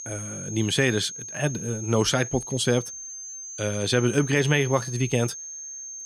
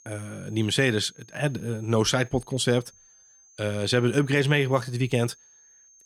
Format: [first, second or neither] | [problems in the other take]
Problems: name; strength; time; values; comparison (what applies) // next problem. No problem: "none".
second | high-pitched whine; loud; throughout; 6.5 kHz, 10 dB below the speech; faint in the second